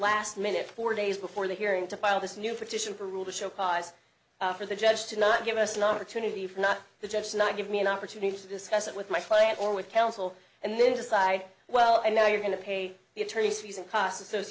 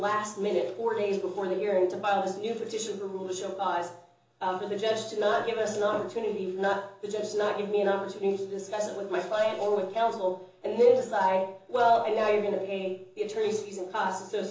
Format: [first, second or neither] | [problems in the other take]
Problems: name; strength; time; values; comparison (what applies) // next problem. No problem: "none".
first | room echo; dies away in 0.6 s